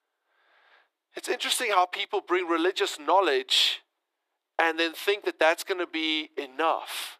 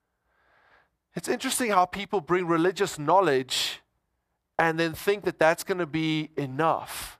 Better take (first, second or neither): second